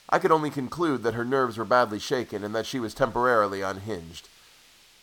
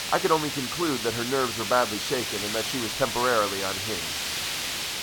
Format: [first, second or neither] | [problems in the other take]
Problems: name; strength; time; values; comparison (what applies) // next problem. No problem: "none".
first | hiss; loud; throughout; 1 dB below the speech; faint in the first